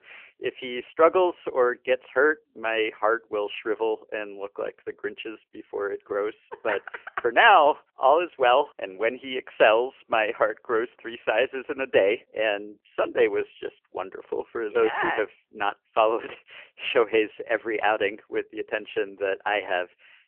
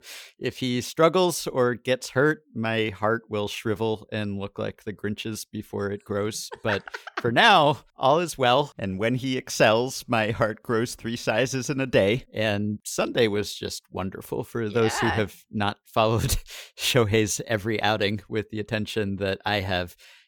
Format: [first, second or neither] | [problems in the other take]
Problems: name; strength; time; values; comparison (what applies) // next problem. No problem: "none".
second | phone-call audio; nothing above 3 kHz